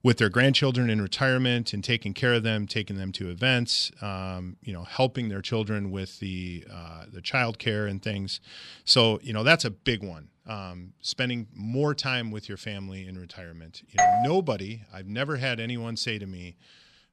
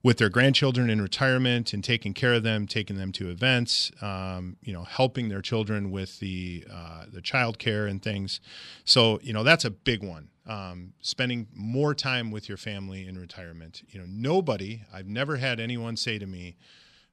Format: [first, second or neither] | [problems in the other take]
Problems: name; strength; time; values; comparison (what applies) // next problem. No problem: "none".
second | doorbell; loud; at 14 s; peak 5 dB above the speech